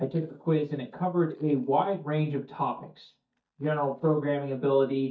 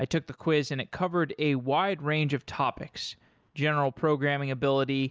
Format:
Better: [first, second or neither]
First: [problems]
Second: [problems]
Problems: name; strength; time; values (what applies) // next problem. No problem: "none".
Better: second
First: noise reduction (neural mask model DeepFilterNet 3)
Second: none